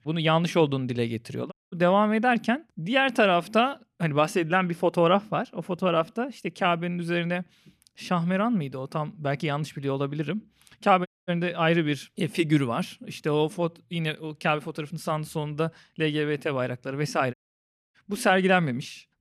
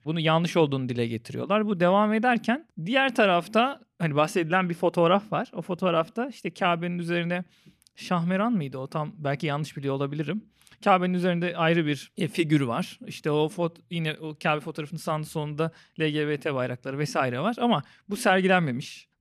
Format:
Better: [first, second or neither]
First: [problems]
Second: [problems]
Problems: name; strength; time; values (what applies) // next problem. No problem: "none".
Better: second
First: audio cutting out; at 1.5 s, at 11 s and at 17 s for 0.5 s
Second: none